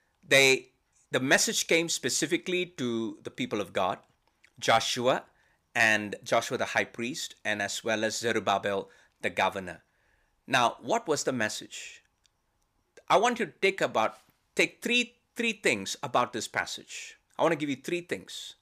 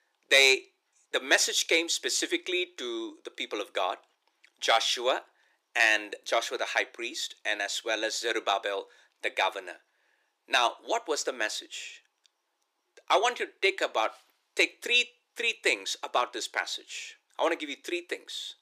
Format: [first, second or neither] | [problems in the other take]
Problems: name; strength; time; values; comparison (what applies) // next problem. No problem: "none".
first | thin; very; fading below 350 Hz